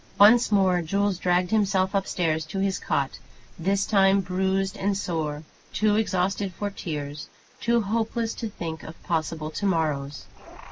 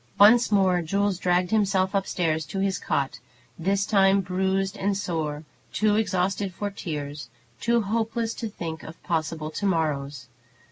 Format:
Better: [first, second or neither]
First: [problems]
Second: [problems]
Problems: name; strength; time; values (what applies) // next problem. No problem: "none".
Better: second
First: noise reduction (neural mask model Resemble Enhance denoiser)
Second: none